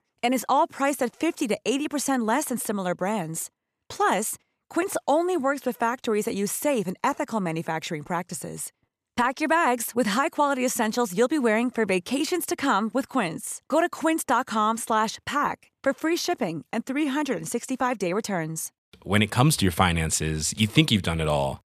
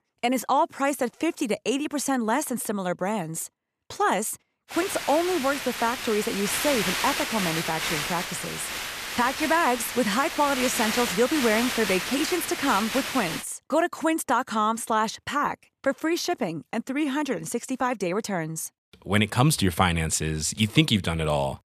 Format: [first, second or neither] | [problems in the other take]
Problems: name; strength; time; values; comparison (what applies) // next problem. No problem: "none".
first | hiss; loud; from 4.5 to 13 s; 3 dB below the speech